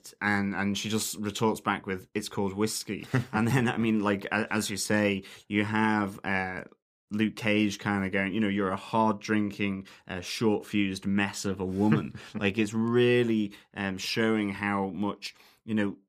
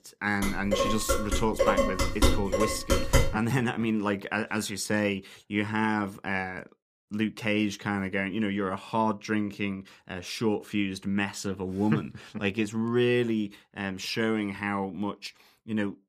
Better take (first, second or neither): first